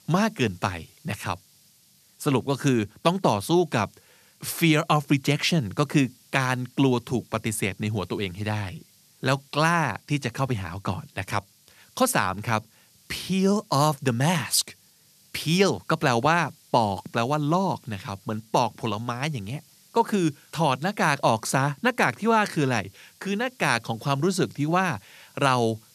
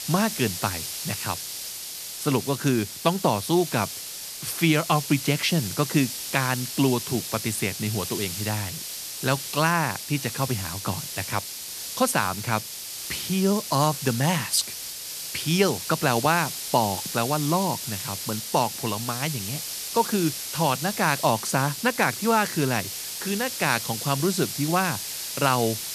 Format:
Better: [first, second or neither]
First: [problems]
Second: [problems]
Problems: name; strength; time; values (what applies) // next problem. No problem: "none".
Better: first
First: hiss; faint; throughout; 30 dB below the speech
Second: hiss; loud; throughout; 6 dB below the speech